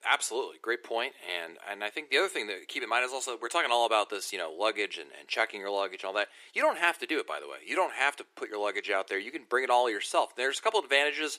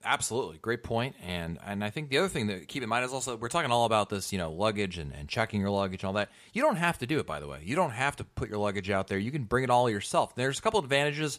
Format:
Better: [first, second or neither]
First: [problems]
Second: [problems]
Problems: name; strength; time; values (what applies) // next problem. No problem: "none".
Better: second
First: thin; very; fading below 350 Hz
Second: none